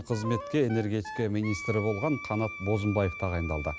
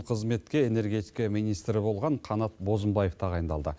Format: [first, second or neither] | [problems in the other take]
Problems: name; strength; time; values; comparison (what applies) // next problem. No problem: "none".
second | background sound (Wind instrument, woodwind instrument); 11 dB below the speech